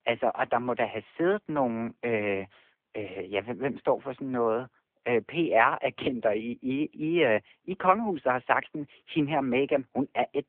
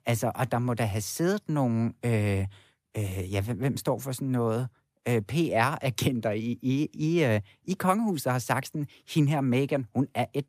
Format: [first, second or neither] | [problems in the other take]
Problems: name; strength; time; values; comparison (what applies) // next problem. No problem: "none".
second | phone-call audio; poor line